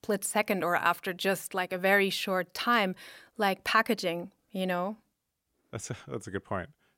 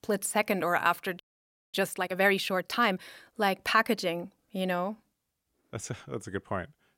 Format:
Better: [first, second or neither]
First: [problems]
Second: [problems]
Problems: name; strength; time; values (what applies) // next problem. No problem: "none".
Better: first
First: none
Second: audio freezing; at 1 s for 0.5 s